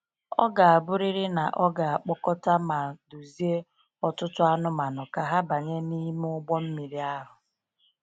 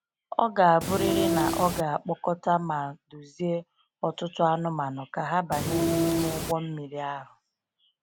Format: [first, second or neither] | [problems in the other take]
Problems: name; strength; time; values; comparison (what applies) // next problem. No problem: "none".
first | background sound (Train); 1 dB above the speech